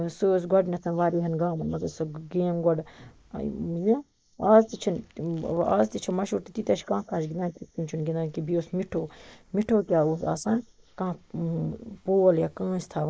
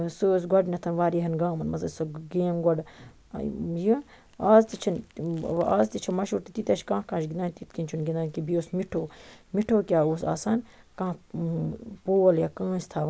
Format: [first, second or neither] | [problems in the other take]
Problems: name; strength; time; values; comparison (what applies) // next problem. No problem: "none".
second | noise reduction (neural mask model Resemble Enhance denoiser)